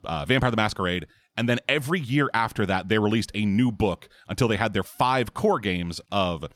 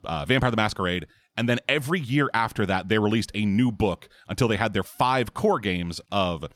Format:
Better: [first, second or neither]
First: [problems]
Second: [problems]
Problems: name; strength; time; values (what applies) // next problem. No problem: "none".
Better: neither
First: none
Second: none